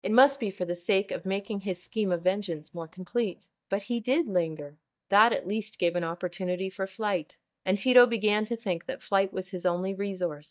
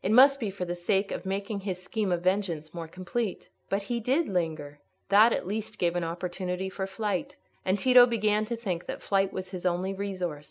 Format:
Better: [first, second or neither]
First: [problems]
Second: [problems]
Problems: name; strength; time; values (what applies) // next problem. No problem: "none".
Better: second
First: noise reduction (neural mask model DeepFilterNet 3)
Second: none